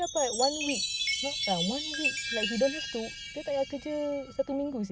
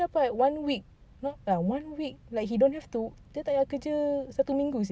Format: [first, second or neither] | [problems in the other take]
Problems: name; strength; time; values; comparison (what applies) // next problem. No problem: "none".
second | background sound (Chime); 2 dB below the speech